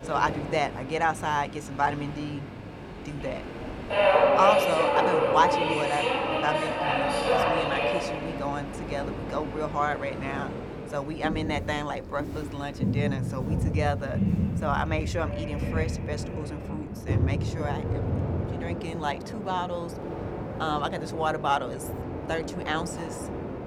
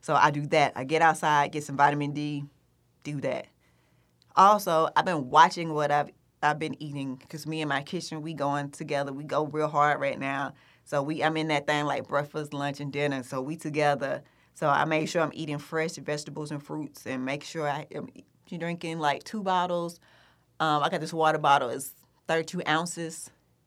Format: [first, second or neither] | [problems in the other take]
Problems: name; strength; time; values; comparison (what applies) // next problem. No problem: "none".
second | train or aircraft noise; very loud; throughout; 2 dB above the speech